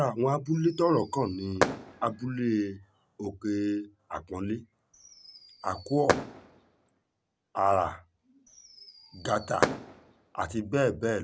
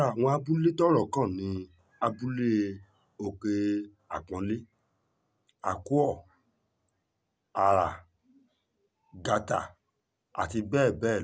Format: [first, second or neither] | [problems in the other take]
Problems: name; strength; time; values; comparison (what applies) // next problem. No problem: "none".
second | background sound (Fireworks); 5 dB below the speech